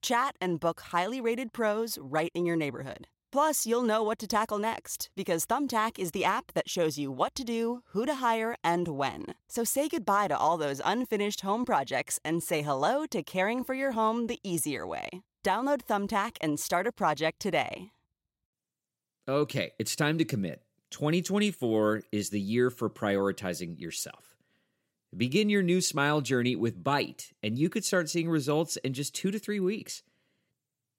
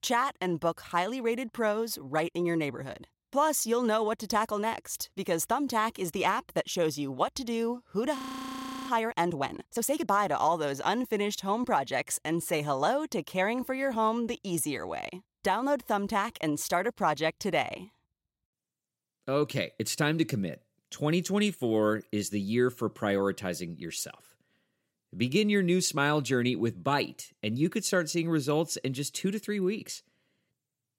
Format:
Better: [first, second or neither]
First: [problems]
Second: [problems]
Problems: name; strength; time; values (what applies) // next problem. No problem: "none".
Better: first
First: none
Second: audio freezing; at 8 s for 0.5 s